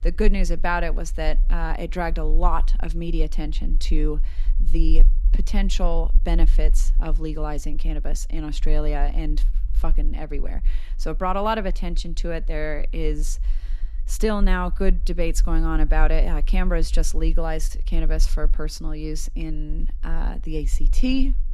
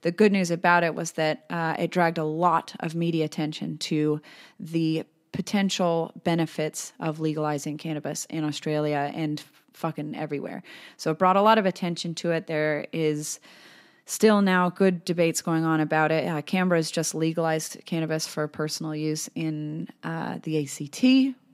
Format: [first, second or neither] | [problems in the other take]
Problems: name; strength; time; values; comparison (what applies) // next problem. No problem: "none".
second | low rumble; faint; throughout; 25 dB below the speech